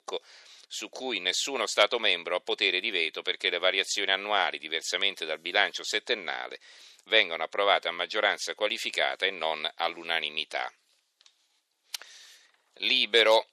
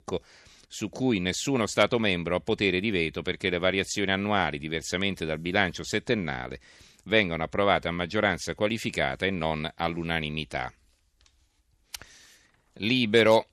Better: second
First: thin; very; fading below 450 Hz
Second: none

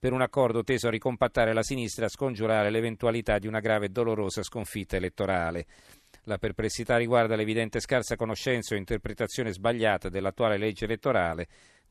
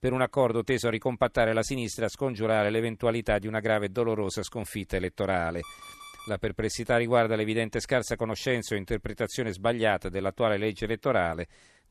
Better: first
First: none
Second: alarm; faint; at 5.5 s; peak 15 dB below the speech

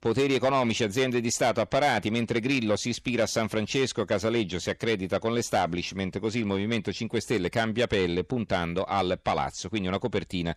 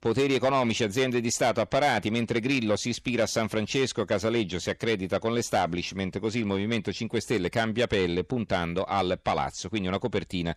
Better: neither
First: distortion; slight; 10 dB below the speech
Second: distortion; slight; 10 dB below the speech

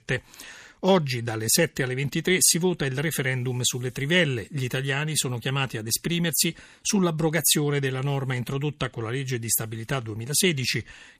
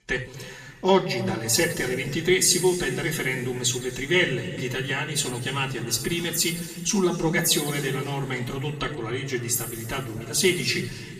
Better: first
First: none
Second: room echo; noticeable; dies away in 2 s // off-mic speech; far

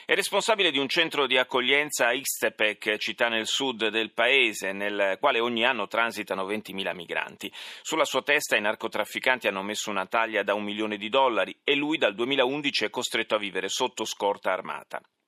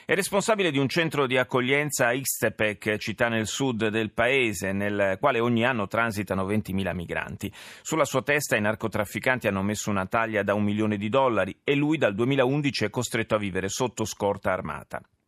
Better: second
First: thin; somewhat; fading below 350 Hz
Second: none

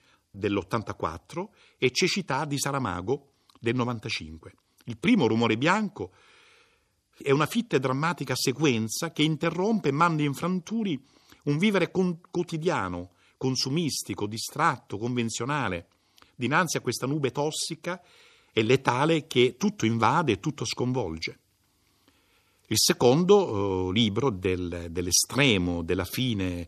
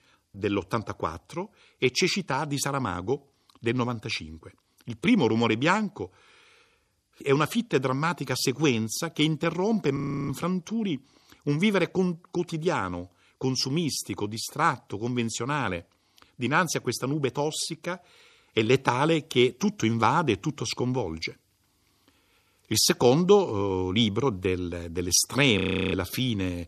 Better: first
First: none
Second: audio freezing; at 10 s and at 26 s

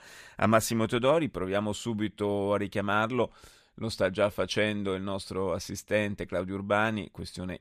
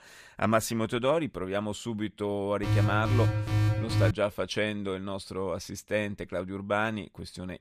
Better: first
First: none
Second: alarm; loud; from 2.5 to 4 s; peak 4 dB above the speech

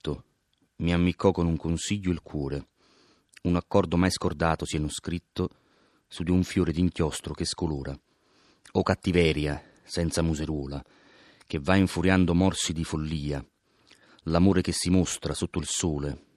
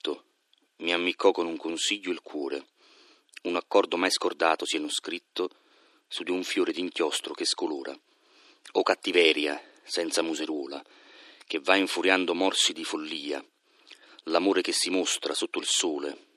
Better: first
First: none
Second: thin; somewhat; fading below 300 Hz

